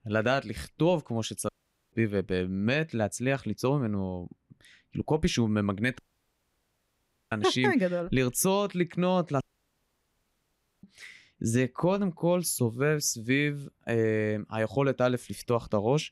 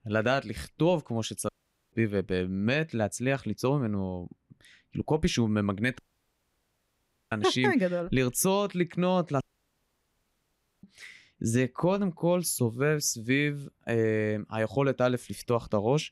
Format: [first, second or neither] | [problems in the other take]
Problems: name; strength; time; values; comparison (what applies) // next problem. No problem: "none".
neither | audio cutting out; at 1.5 s, at 6 s for 1.5 s and at 9.5 s for 1.5 s; the same in both